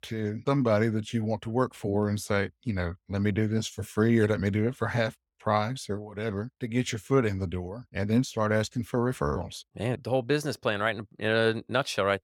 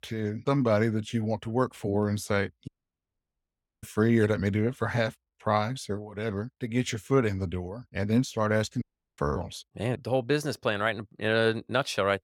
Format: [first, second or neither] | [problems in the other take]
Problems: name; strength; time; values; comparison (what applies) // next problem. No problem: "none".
first | audio cutting out; at 2.5 s for 1 s and at 9 s